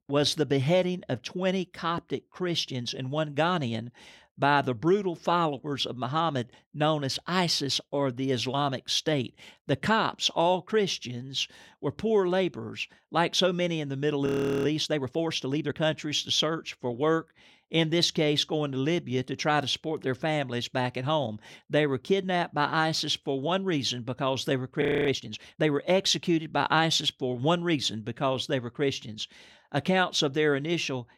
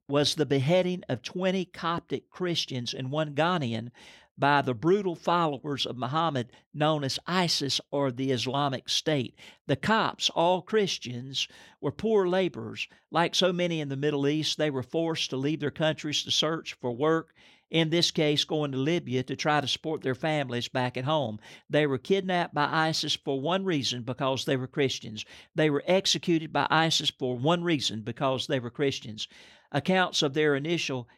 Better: second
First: audio freezing; at 14 s and at 25 s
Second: none

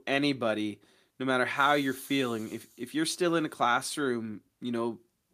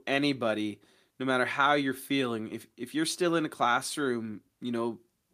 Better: second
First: hiss; faint; from 1.5 to 4 s; 25 dB below the speech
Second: none

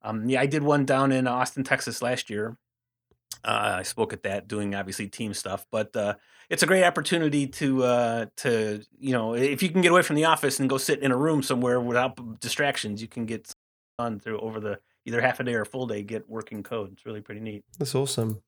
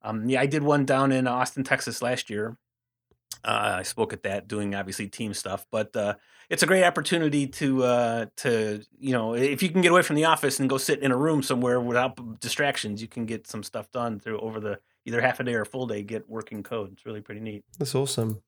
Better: second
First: audio cutting out; at 14 s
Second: none

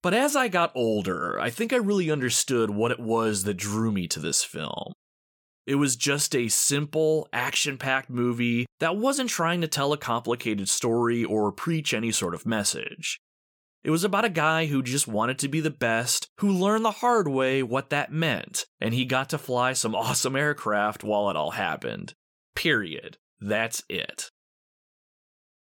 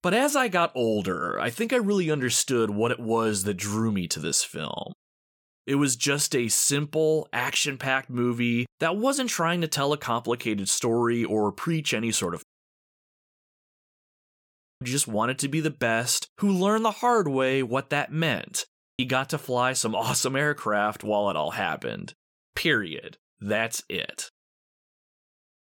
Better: first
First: none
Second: audio cutting out; at 12 s for 2.5 s and at 19 s

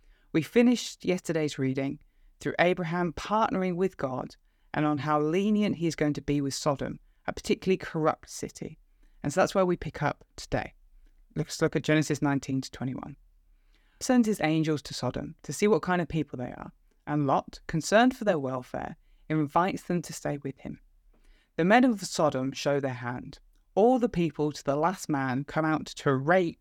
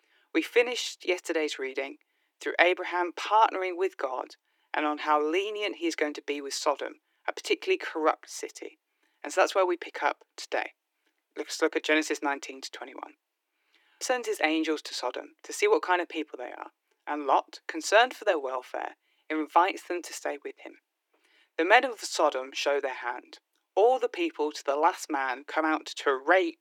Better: first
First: none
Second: thin; very; fading below 300 Hz

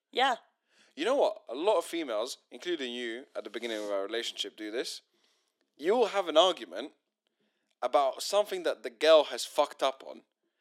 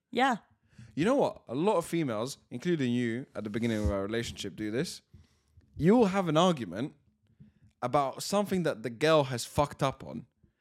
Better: second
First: thin; very; fading below 300 Hz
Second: none

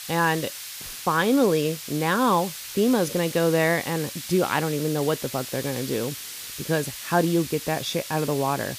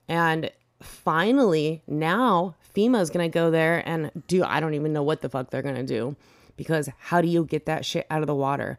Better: second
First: hiss; loud; throughout; 10 dB below the speech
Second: none

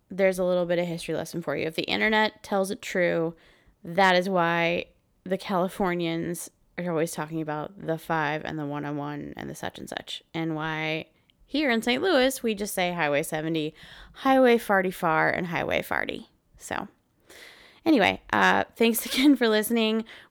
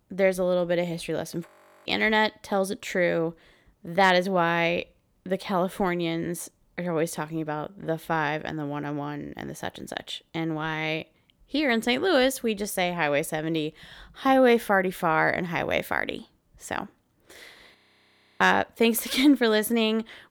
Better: first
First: none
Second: audio freezing; at 1.5 s and at 18 s for 0.5 s

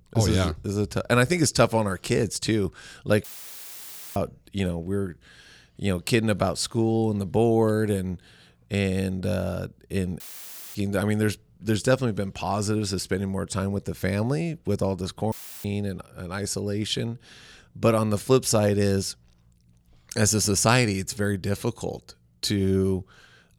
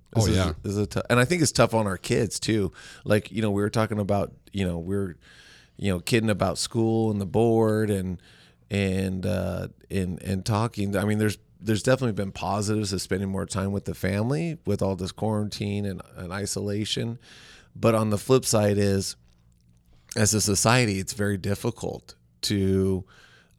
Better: second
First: audio cutting out; filled with static; at 3 s for 1 s, at 10 s for 0.5 s and at 15 s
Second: none

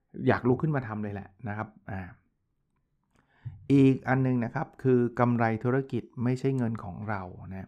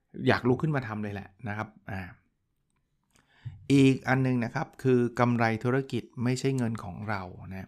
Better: second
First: muffled; slightly; fading above 2.5 kHz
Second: none

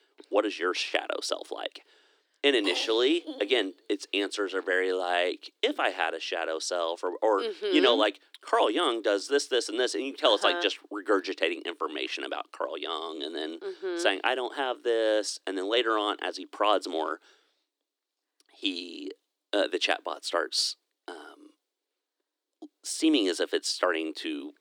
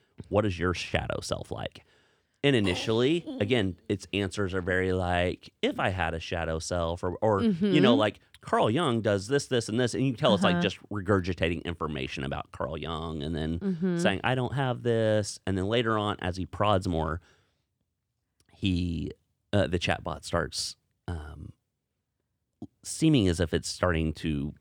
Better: second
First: thin; somewhat; fading below 300 Hz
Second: none

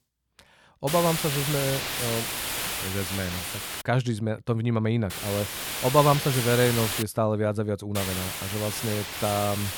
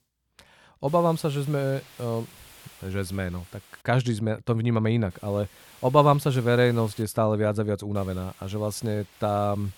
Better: second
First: hiss; loud; from 1 to 4 s, from 5 to 7 s and from 8 s on; 3 dB below the speech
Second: hiss; faint; from 1 to 4 s, from 5 to 7 s and from 8 s on; 25 dB below the speech

